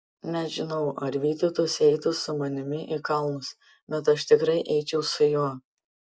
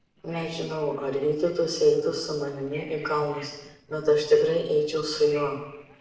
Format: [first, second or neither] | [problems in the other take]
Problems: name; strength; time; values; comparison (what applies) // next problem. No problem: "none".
first | noise reduction (neural separator model SepFormer DNS4)